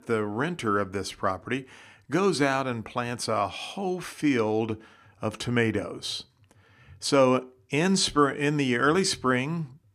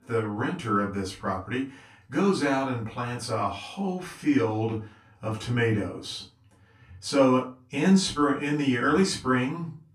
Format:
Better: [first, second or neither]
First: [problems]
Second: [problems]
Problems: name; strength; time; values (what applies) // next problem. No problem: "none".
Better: first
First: none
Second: room echo; slight; dies away in 0.3 s // off-mic speech; far